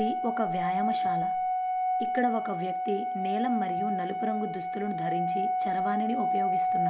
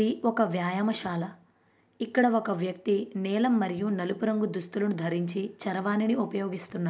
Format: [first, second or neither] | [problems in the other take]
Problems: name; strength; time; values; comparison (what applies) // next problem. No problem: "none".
second | background sound (Organ); 4 dB above the speech